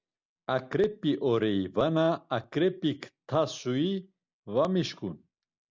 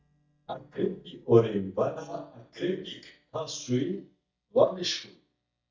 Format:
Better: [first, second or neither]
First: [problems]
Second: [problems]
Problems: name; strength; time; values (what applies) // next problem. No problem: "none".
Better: first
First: none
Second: noise reduction (neural mask model DeepFilterNet 3)